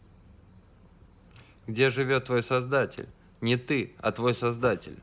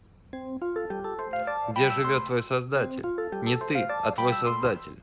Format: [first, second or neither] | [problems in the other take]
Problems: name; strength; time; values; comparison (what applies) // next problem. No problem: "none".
first | background sound (Ringtone); 2 dB below the speech